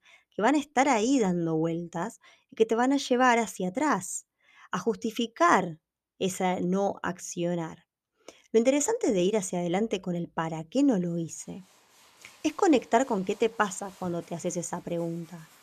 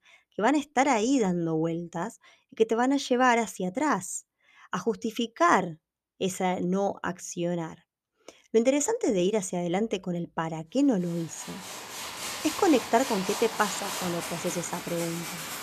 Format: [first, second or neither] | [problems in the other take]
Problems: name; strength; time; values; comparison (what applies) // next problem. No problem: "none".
first | machinery noise; loud; from 11 s on; 7 dB below the speech; faint in the first